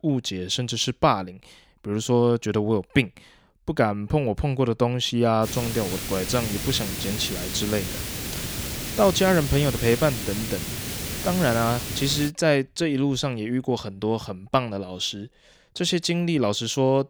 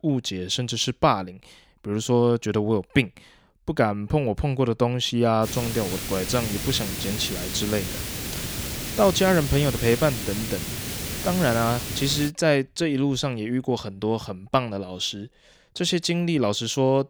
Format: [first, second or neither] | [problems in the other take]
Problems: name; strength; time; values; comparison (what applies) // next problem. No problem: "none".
neither | hiss; loud; from 5.5 to 12 s; 5 dB below the speech; the same in both